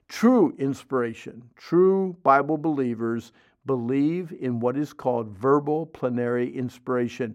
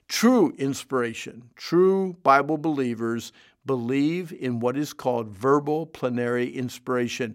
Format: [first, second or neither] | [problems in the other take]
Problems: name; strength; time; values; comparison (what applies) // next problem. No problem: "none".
second | muffled; slightly; fading above 2 kHz